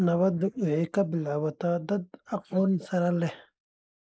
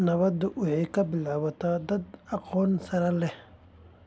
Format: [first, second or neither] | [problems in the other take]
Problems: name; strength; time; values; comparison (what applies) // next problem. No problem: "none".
second | noise reduction (neural mask model Resemble Enhance denoiser)